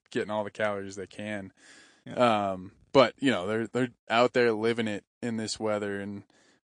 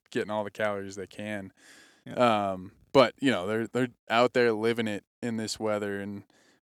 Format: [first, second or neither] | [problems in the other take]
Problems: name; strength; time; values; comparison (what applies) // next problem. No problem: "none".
second | garbled, watery; slightly; nothing above 9 kHz